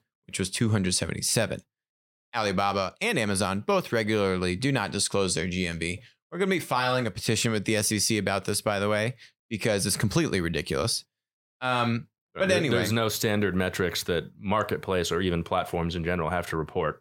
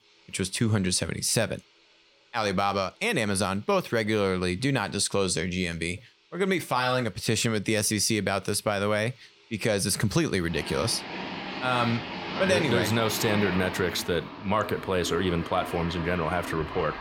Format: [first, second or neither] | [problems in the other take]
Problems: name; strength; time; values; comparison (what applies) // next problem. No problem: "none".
first | household noises; loud; throughout; 8 dB below the speech